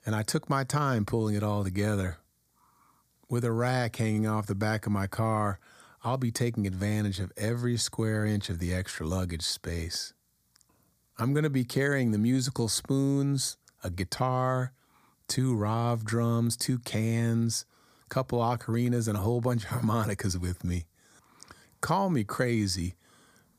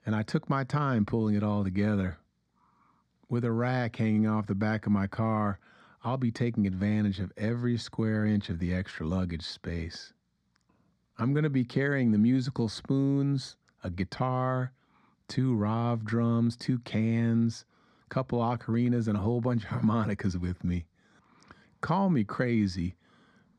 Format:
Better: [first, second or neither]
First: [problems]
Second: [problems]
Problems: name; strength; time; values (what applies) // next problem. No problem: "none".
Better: first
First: none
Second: muffled; slightly; fading above 3 kHz